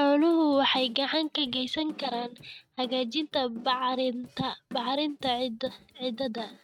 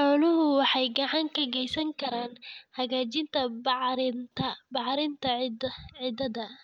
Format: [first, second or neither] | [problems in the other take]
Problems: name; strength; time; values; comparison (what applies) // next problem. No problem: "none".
second | noise reduction (neural mask model RNNoise)